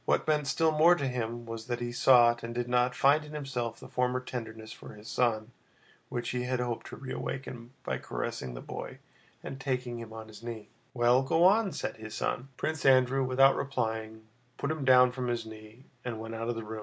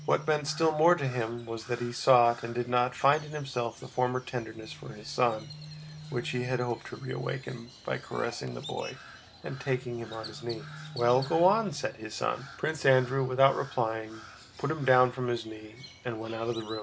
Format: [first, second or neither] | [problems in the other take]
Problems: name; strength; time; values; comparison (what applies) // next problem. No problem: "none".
first | background sound (Crow); 17 dB below the speech